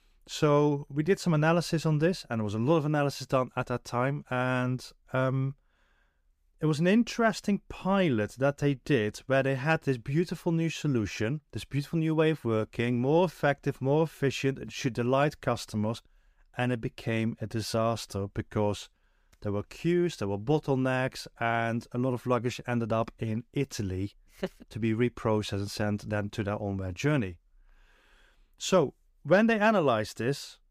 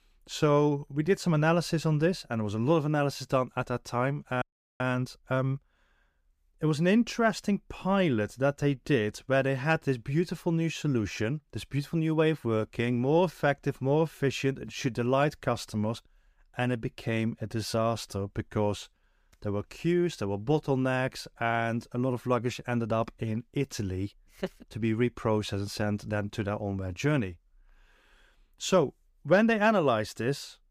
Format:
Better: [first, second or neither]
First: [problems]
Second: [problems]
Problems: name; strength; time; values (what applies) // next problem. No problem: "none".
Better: first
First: none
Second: audio freezing; at 4.5 s